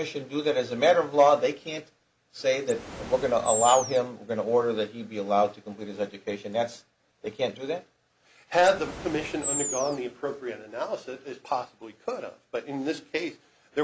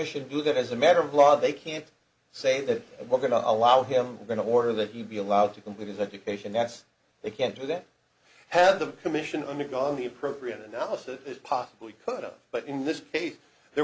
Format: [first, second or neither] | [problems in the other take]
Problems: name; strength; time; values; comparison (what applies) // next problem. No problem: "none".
second | background sound (Animal); 6 dB below the speech